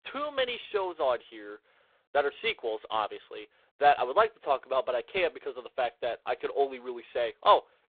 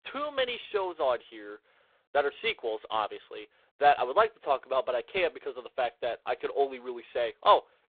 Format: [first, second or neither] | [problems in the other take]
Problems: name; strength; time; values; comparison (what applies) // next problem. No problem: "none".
neither | phone-call audio; poor line; the same in both